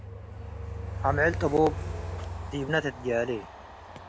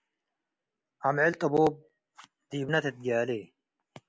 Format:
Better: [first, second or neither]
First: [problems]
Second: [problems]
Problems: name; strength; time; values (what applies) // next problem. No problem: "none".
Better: second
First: background sound (Train); 6 dB below the speech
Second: none